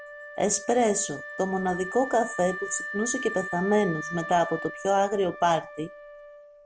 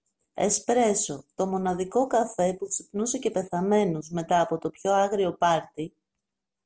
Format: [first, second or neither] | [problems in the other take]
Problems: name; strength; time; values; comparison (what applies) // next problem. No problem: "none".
second | background sound (Wind instrument, woodwind instrument); 11 dB below the speech